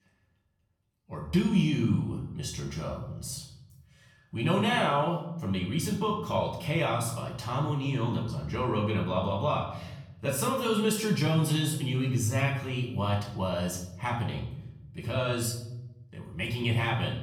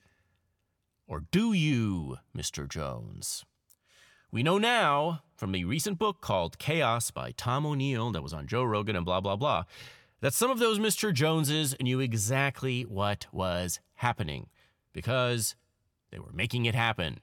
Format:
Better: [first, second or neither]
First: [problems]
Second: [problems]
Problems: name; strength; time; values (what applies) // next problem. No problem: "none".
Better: second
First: off-mic speech; far // room echo; noticeable; dies away in 0.9 s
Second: none